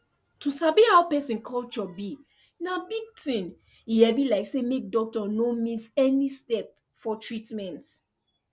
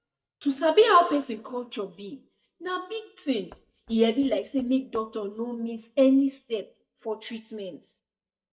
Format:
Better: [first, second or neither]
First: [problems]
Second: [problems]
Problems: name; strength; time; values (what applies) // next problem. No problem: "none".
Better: first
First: none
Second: noise reduction (neural mask model DeepFilterNet 3)